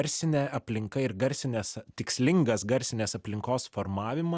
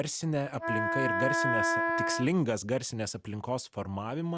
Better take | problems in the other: first | background sound (Wind instrument, woodwind instrument); 3 dB above the speech

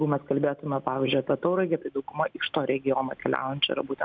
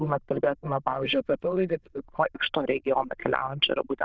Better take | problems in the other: first | noise reduction (neural diffusion model UNIVERSE++)

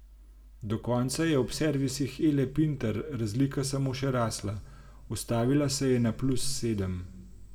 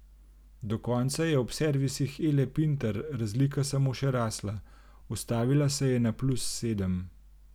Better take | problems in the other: second | room echo; dies away in 0.7 s

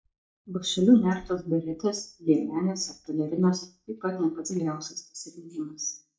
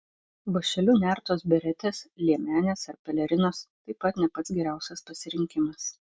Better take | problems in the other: second | noise reduction (neural mask model DeepFilterNet 3)

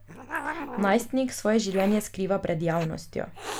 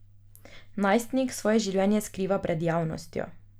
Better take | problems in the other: second | background sound (Hiss); 11 dB below the speech

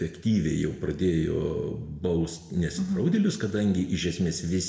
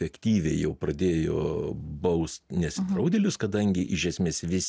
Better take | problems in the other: second | room echo; dies away in 0.9 s

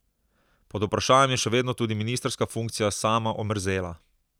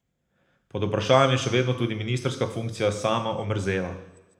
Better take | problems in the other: first | room echo; dies away in 0.9 s

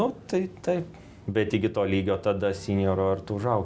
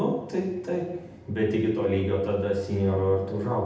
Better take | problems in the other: first | room echo; dies away in 0.8 s

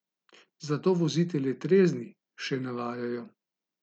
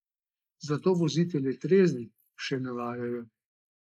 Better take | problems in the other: first | noise reduction (neural mask model Resemble Enhance denoiser)

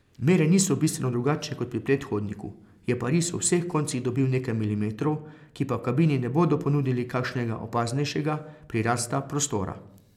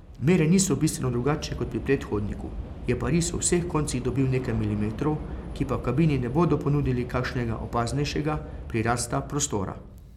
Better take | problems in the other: first | background sound (Subway, metro, underground / Train); 11 dB below the speech

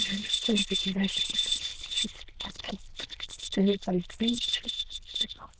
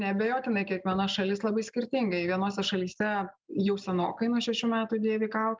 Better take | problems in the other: second | noise reduction (neural diffusion model UNIVERSE++)

